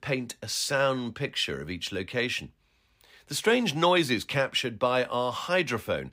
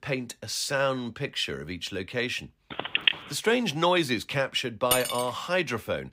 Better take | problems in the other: first | phone ringing; loud; at 3 s; peak 4 dB above the speech // clattering dishes; loud; at 5 s; peak 1 dB above the speech

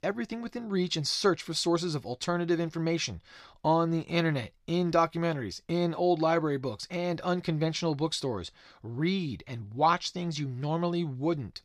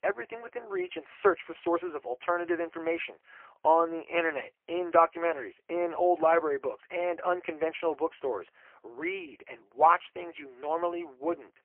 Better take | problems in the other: first | phone-call audio; poor line; nothing above 3 kHz

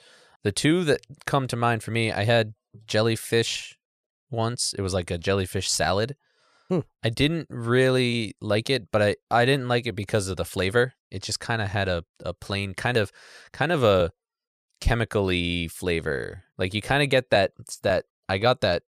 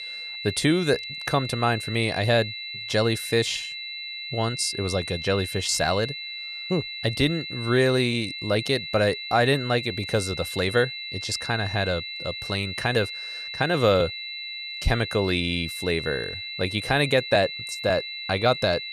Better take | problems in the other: first | high-pitched whine; loud; throughout; 4 kHz, 7 dB below the speech

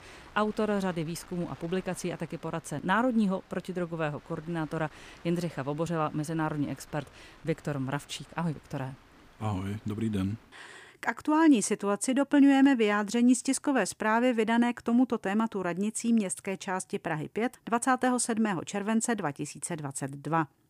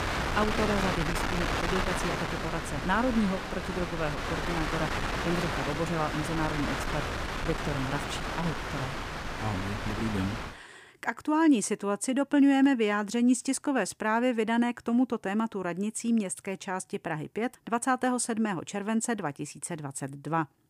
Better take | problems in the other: first | wind noise on the microphone; heavy; until 11 s; as loud as the speech; occasional gusts in the first

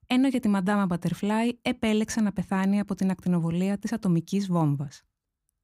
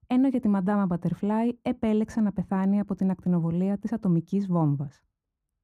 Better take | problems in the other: first | muffled; slightly; fading above 1.5 kHz

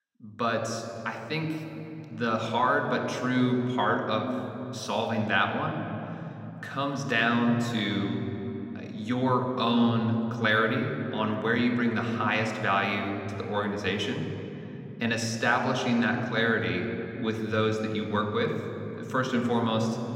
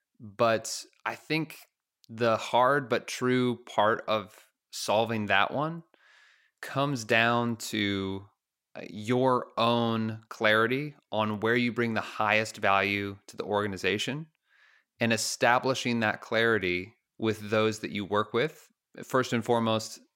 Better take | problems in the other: second | room echo; noticeable; dies away in 3 s

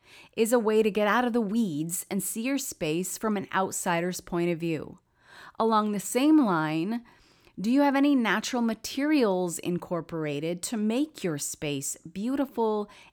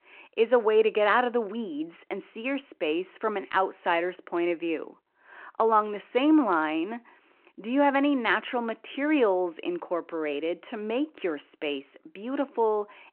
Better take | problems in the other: first | phone-call audio

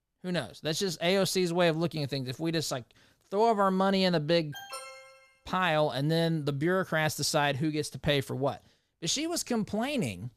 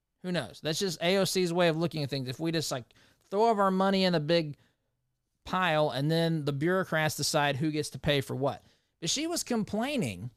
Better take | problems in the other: second | alarm; faint; at 4.5 s; peak 10 dB below the speech

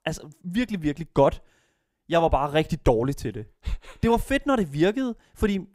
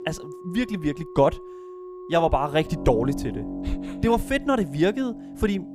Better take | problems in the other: first | background music; noticeable; throughout; 10 dB below the speech

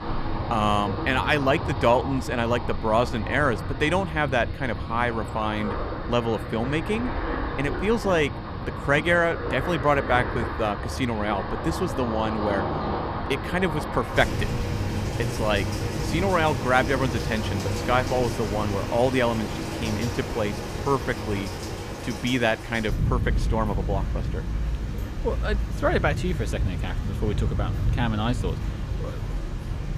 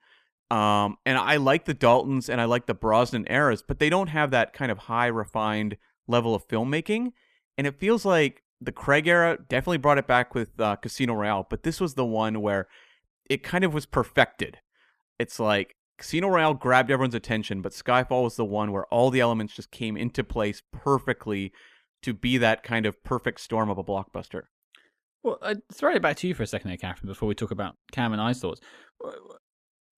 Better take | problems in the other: second | rain or running water; loud; throughout; 4 dB below the speech

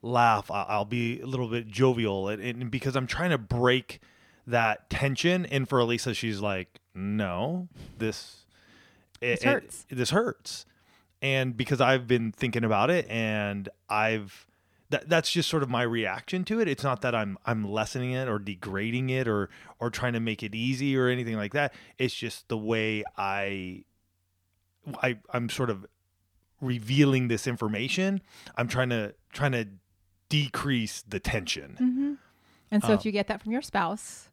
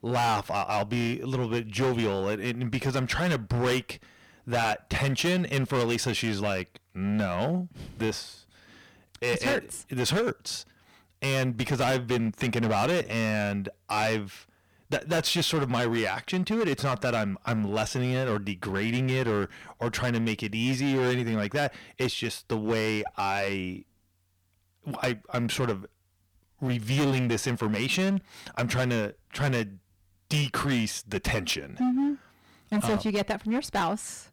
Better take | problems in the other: first | distortion; heavy; 13% of the sound clipped

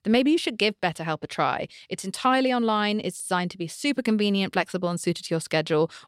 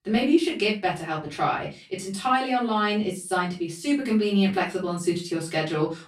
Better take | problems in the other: first | off-mic speech; far // room echo; slight; dies away in 0.3 s

